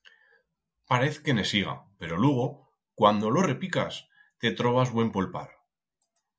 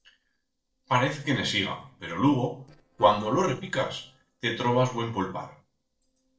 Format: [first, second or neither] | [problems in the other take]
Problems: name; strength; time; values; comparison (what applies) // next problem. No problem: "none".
first | noise reduction (neural separator model SepFormer DNS4)